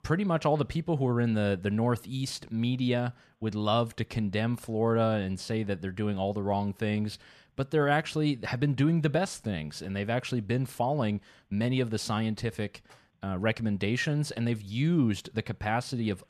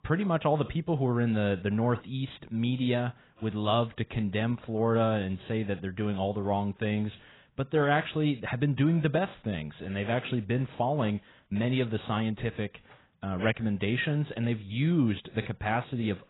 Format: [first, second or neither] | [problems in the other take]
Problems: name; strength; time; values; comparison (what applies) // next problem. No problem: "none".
first | garbled, watery; badly; nothing above 4 kHz